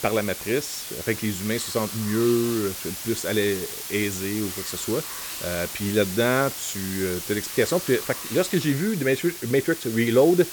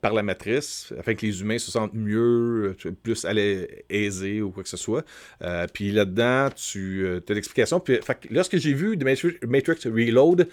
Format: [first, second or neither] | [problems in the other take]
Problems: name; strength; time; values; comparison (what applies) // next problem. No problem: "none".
second | hiss; loud; throughout; 7 dB below the speech